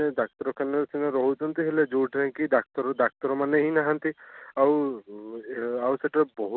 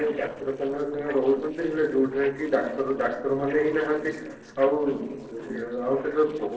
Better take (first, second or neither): first